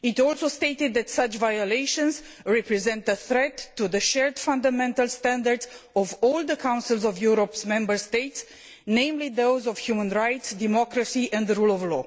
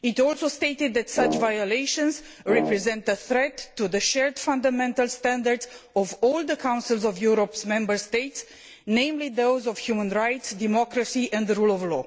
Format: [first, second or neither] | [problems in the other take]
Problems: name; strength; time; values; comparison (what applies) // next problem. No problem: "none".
first | background sound (Brass instrument); 6 dB below the speech